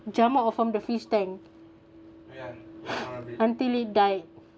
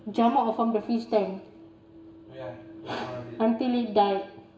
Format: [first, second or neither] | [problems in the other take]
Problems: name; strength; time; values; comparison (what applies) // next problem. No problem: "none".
first | room echo; dies away in 0.8 s